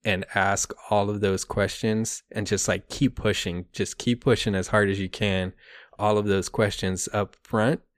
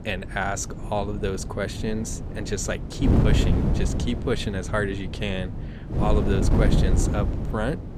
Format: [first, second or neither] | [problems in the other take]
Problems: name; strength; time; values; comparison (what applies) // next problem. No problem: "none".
first | wind noise on the microphone; heavy; 5 dB below the speech